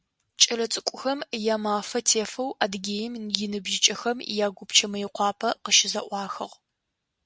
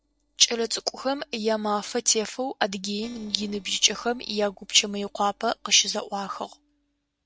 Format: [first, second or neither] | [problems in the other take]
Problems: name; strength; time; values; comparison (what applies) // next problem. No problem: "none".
first | noise reduction (neural separator model SepFormer DNS4)